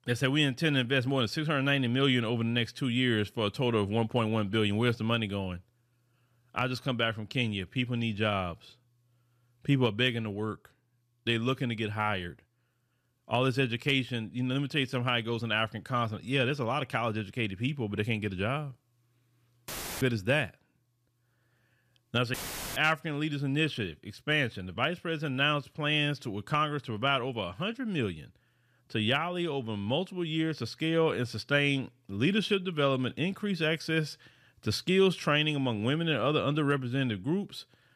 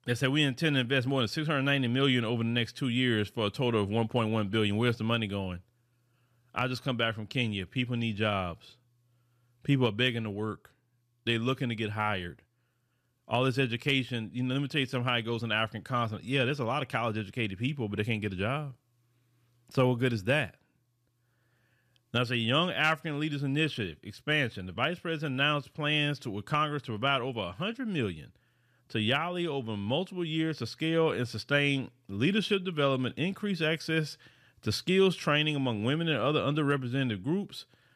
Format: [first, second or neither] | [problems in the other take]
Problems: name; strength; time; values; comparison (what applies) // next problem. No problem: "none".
second | audio cutting out; filled with static; at 20 s and at 22 s